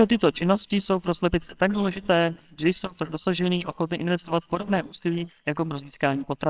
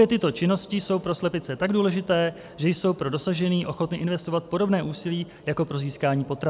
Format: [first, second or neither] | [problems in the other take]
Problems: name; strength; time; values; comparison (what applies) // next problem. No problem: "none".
second | noise reduction (neural separator model SepFormer WHAMR!)